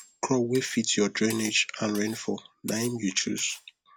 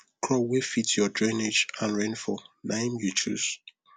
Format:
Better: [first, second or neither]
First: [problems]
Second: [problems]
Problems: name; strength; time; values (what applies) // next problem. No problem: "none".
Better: second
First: background sound (Cutlery, silverware); 19 dB below the speech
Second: none